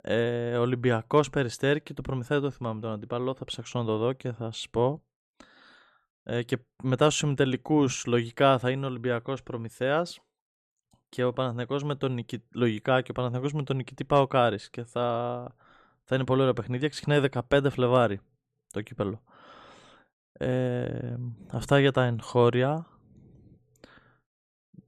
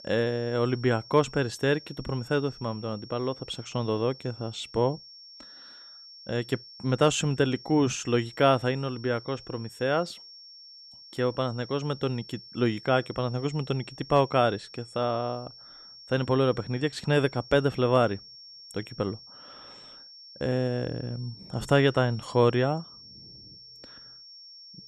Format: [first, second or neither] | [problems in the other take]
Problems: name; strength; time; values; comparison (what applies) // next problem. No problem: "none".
first | high-pitched whine; noticeable; throughout; 5.5 kHz, 20 dB below the speech